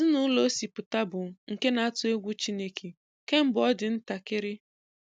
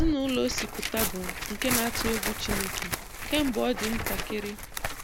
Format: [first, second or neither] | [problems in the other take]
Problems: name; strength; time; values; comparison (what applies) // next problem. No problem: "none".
first | background sound (Tearing); 1 dB below the speech